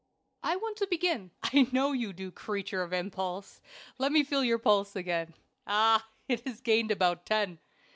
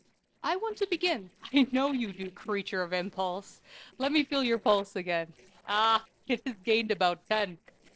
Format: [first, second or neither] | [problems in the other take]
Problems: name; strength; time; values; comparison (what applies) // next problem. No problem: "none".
first | noise reduction (neural separator model SepFormer DNS4)